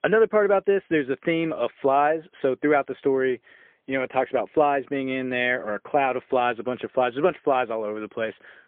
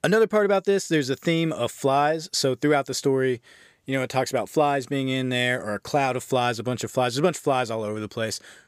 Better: second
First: phone-call audio; poor line; nothing above 3.5 kHz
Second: none

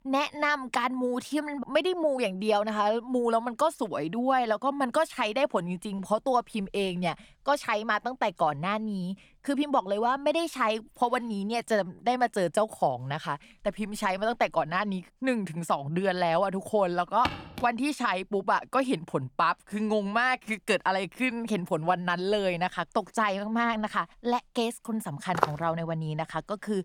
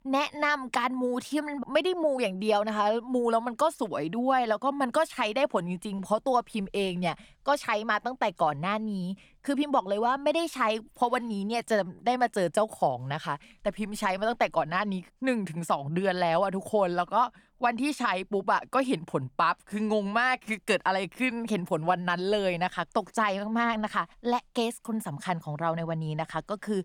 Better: second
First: footsteps; noticeable; at 17 s and at 25 s; peak 1 dB below the speech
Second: none

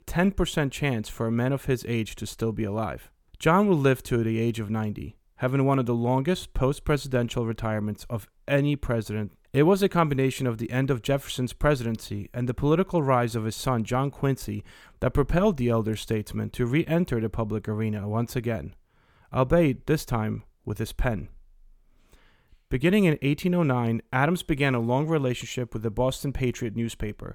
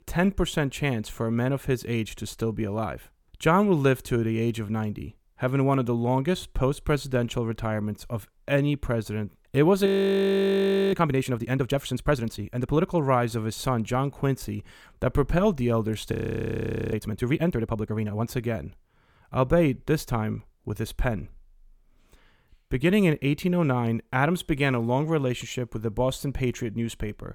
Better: first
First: none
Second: audio freezing; at 10 s for 1 s and at 16 s for 1 s

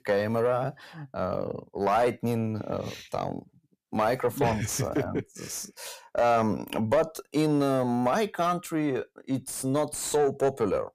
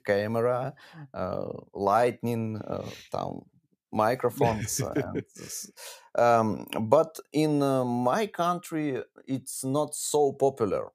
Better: second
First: distortion; slight; 10 dB below the speech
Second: none

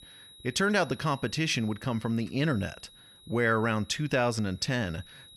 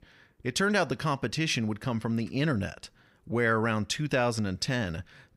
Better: second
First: high-pitched whine; faint; throughout; 4 kHz, 25 dB below the speech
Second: none

